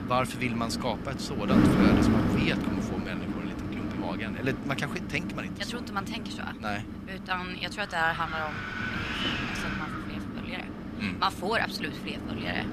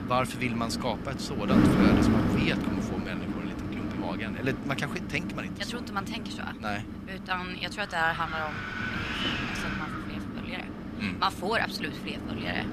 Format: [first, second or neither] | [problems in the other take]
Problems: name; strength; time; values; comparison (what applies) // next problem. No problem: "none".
neither | wind noise on the microphone; heavy; 2 dB below the speech; the same in both